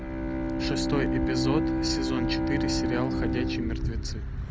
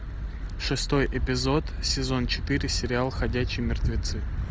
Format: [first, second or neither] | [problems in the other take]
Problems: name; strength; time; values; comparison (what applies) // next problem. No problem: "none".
second | background sound (Bowed string instrument); 2 dB above the speech